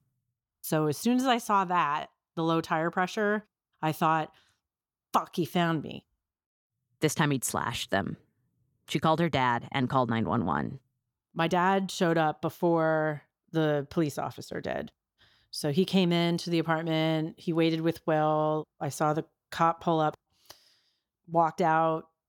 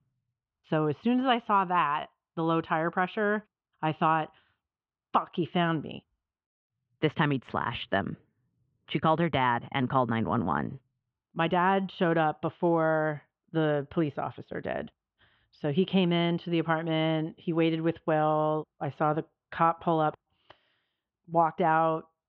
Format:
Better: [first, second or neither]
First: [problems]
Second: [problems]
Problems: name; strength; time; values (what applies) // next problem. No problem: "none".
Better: first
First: none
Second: muffled; very; fading above 3 kHz